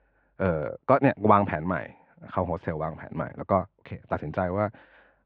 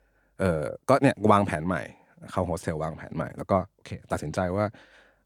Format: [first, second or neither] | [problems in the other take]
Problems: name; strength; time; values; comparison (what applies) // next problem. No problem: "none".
second | muffled; very; fading above 3 kHz